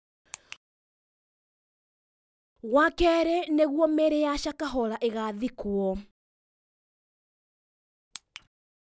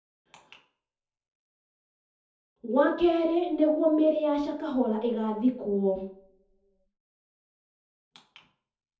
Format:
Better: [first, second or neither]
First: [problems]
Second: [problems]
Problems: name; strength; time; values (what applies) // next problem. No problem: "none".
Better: first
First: none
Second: room echo; dies away in 0.5 s